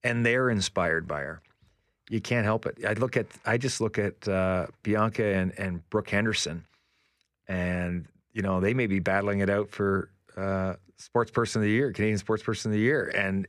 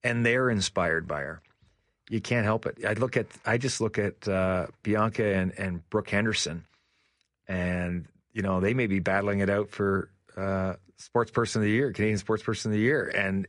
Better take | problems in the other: first | garbled, watery; slightly; nothing above 9.5 kHz

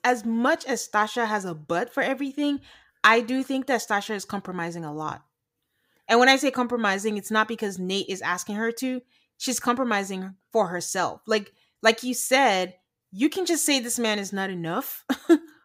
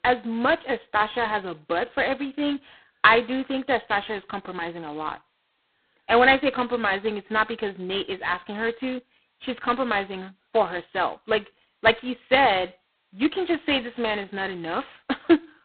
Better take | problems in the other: first | phone-call audio; poor line; nothing above 4 kHz

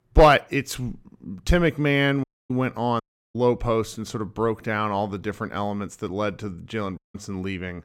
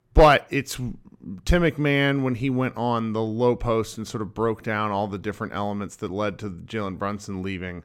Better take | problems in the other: second | audio cutting out; at 2 s, at 3 s and at 7 s

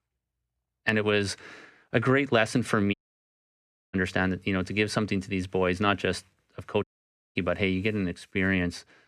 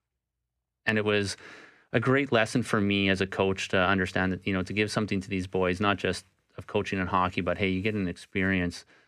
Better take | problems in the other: second | audio cutting out; at 3 s for 1 s and at 7 s for 0.5 s

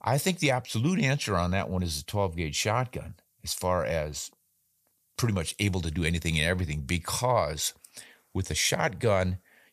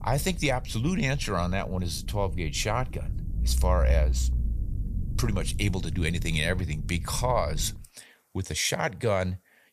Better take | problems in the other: first | low rumble; noticeable; until 8 s; 20 dB below the speech

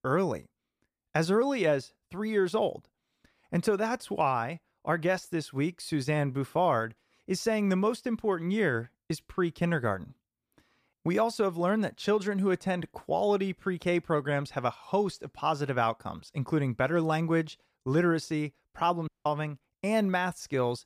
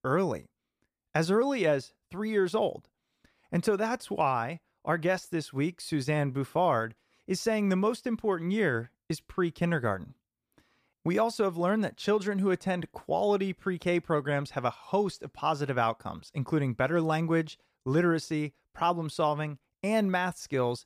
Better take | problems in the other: second | audio cutting out; at 19 s

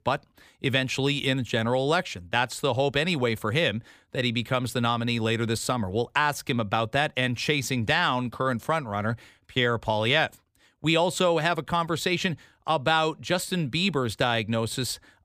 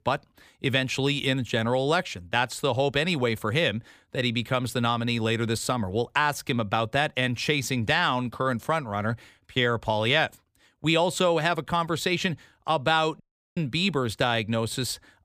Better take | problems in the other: first | audio cutting out; at 13 s

